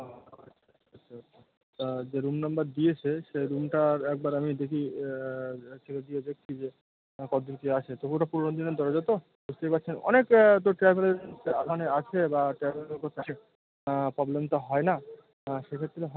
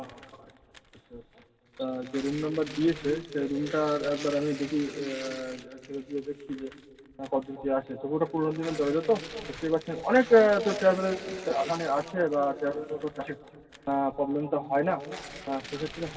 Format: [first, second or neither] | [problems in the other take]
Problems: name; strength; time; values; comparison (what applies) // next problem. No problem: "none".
first | background sound (Tearing); 18 dB below the speech // room echo; dies away in 2.4 s